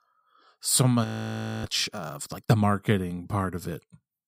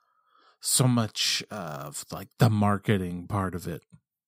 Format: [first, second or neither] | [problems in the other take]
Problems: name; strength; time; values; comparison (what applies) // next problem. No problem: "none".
second | audio freezing; at 1 s for 0.5 s